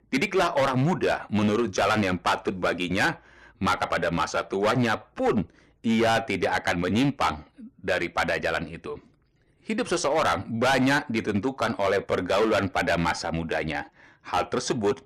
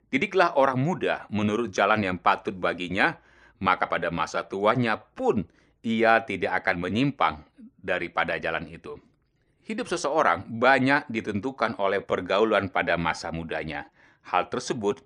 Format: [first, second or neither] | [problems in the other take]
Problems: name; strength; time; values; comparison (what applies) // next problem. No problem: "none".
second | distortion; heavy; 10% of the sound clipped